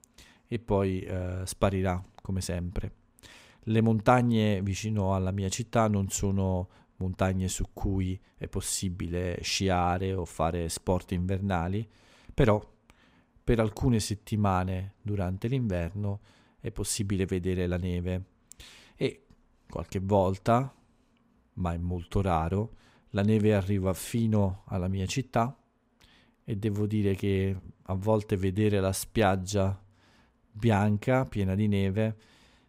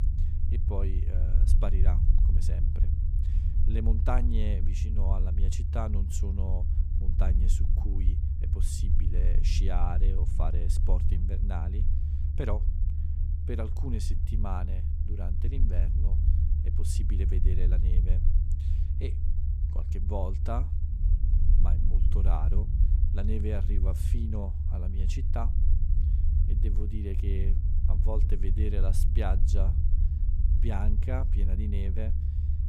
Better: first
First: none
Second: low rumble; loud; throughout; 5 dB below the speech

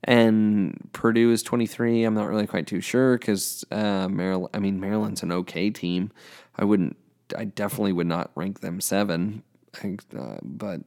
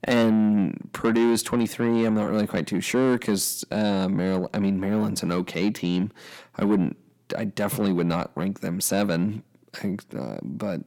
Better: first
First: none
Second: distortion; slight; 10 dB below the speech

